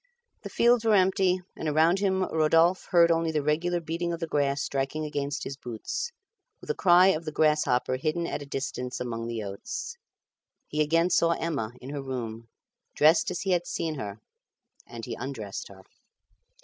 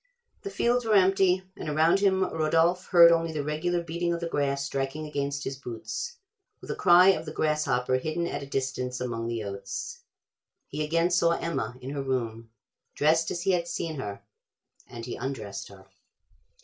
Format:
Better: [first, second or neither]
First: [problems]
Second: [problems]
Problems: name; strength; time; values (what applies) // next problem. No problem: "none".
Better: first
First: none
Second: room echo; dies away in 0.2 s